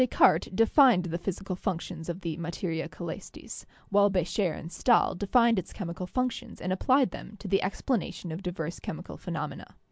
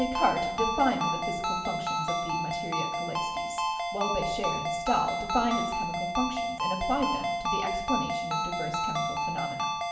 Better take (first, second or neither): first